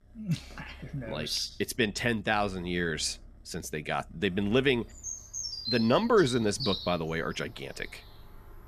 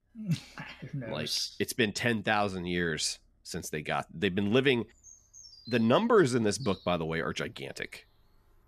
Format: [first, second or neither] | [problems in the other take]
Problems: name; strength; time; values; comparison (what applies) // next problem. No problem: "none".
second | animal sounds; loud; throughout; 8 dB below the speech; faint in the second